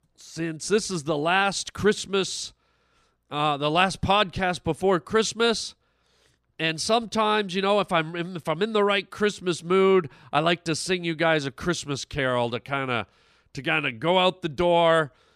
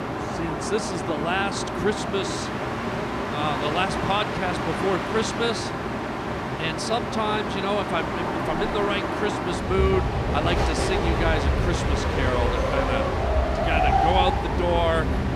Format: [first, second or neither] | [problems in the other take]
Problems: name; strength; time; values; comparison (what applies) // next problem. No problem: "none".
first | train or aircraft noise; very loud; throughout; 2 dB above the speech